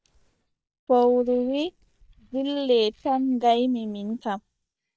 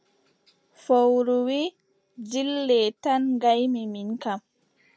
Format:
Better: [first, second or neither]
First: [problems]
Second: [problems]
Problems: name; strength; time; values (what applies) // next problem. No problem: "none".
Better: second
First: noise reduction (neural mask model DeepFilterNet 3)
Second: none